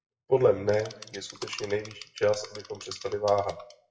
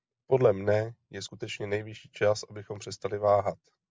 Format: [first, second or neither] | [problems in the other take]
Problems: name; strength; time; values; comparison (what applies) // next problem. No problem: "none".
second | noise reduction (classical method WPE with log-MMSE)